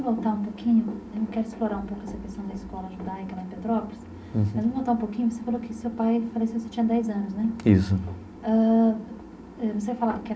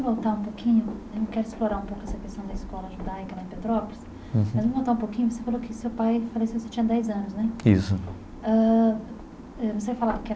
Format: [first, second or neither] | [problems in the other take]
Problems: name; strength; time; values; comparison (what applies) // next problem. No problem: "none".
second | room echo; dies away in 0.3 s